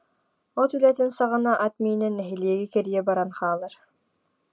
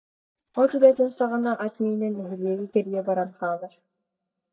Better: first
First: none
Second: noise reduction (neural mask model DeepFilterNet 3)

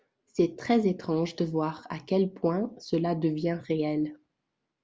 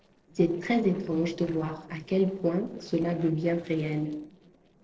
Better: first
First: none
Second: noise reduction (neural separator model SepFormer DNS4)

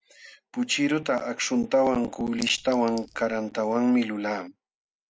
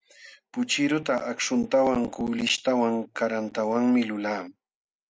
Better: second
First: background sound (Chink, clink); 18 dB below the speech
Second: none

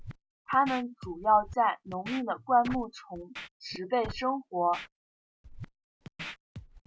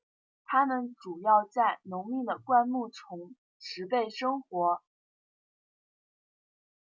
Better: second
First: background sound (Scratching (performance technique)); 15 dB below the speech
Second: none

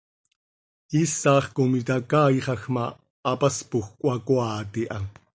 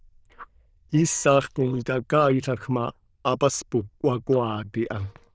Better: first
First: none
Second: noise reduction (neural diffusion model UNIVERSE++)

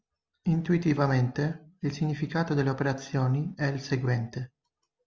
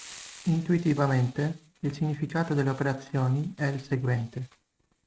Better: first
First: none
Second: noise reduction (neural mask model RNNoise)

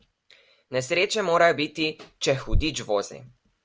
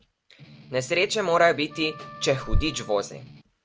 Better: first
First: none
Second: background sound (Wind instrument, woodwind instrument + Strum); 19 dB below the speech

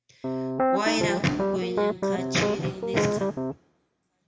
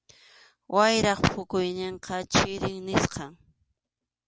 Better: second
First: background sound (Piano); 4 dB above the speech // room echo; dies away in 0.9 s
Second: none

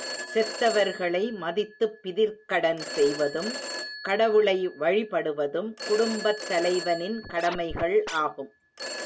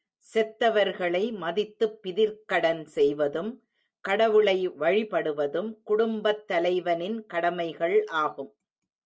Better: second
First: background sound (Scratching (performance technique) + Telephone); 11 dB below the speech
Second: none

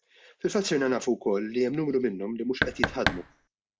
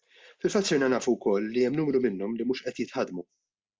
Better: second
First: background sound (Knock); 2 dB below the speech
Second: none

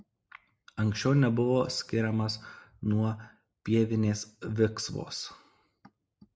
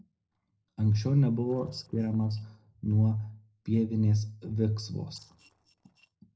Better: first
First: none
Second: noise reduction (neural separator model SepFormer DNS4)

